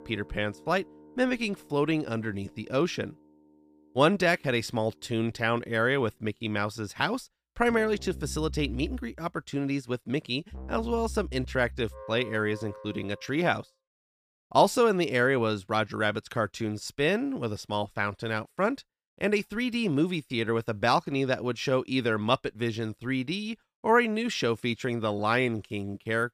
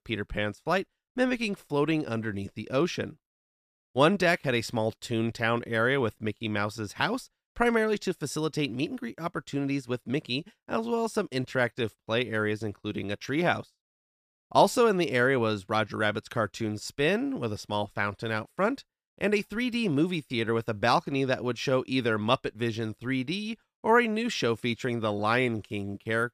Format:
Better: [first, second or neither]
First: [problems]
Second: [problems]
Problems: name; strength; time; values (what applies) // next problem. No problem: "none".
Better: second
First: background music; noticeable; until 13 s; 15 dB below the speech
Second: none